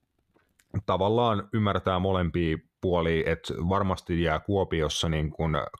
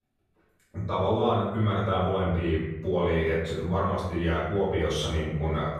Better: first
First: none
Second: off-mic speech; far // room echo; noticeable; dies away in 0.8 s

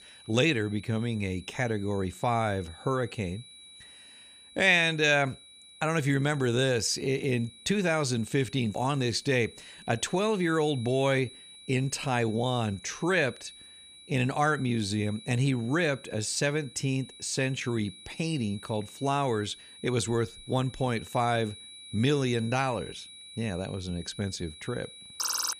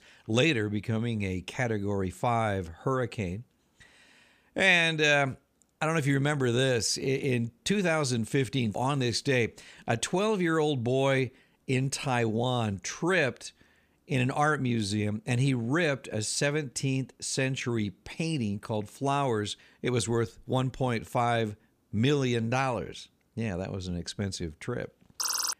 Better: second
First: high-pitched whine; noticeable; throughout; 4 kHz, 20 dB below the speech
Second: none

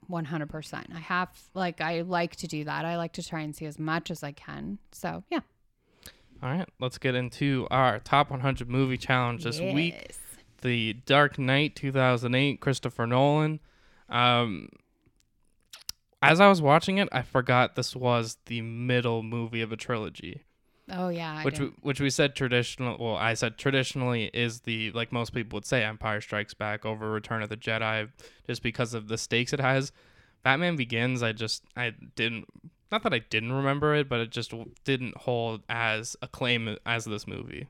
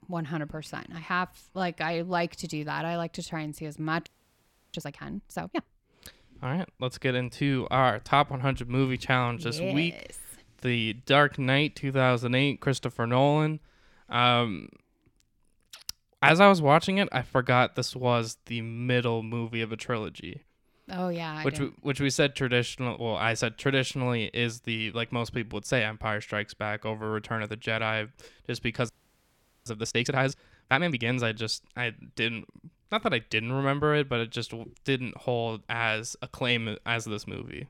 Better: first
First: none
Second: audio freezing; at 4 s for 0.5 s and at 29 s for 1 s

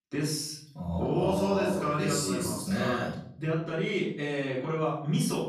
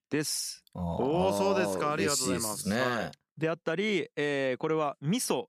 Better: second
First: off-mic speech; far // room echo; noticeable; dies away in 0.8 s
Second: none

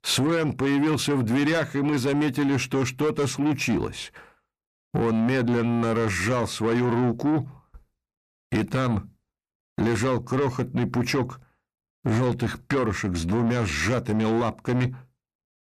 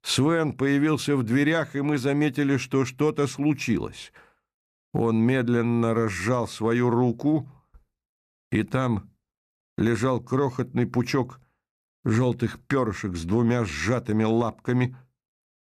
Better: second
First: distortion; heavy; 8 dB below the speech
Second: none

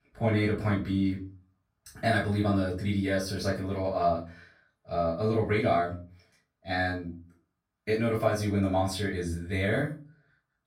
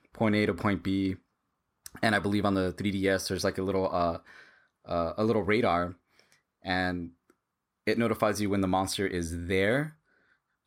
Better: second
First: off-mic speech; far // room echo; slight; dies away in 0.3 s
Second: none

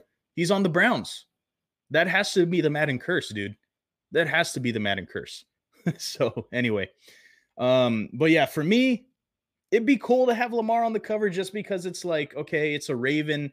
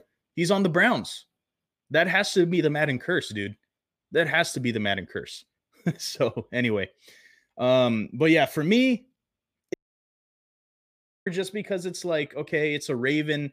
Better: first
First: none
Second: audio cutting out; at 9.5 s for 1.5 s

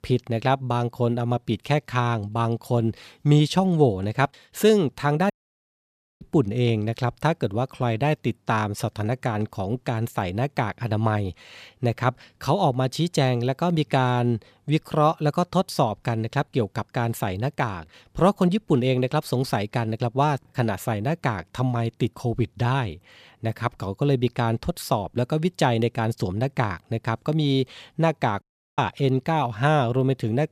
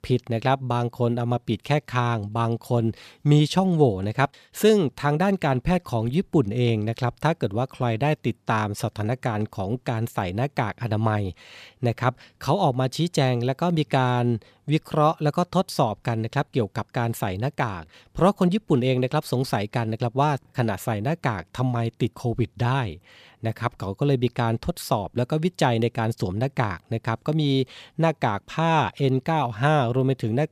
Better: second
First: audio cutting out; at 5.5 s for 1 s and at 28 s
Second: none

